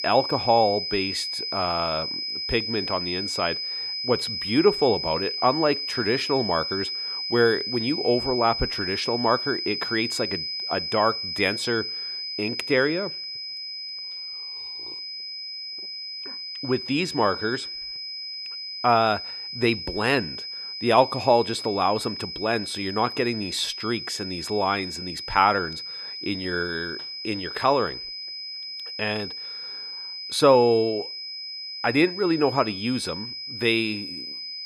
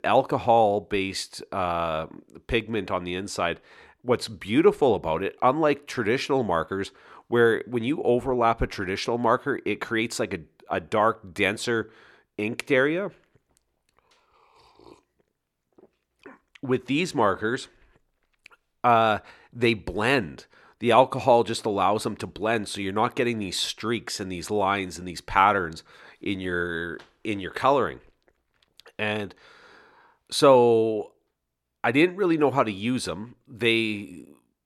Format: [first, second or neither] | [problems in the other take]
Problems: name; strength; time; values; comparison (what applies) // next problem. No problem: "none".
second | high-pitched whine; loud; throughout; 5 kHz, 5 dB below the speech